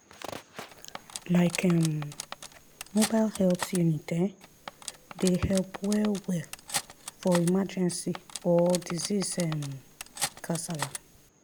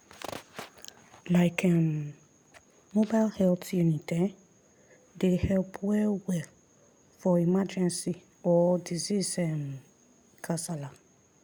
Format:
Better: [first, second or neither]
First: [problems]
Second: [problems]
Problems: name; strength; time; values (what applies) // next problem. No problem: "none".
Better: second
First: background sound (Cutlery, silverware); 11 dB below the speech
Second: none